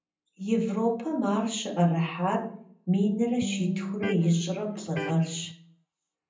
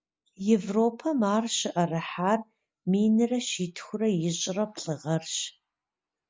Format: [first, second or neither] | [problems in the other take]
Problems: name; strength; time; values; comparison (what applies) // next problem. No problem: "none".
second | background sound (Electric guitar); 7 dB below the speech // room echo; dies away in 0.6 s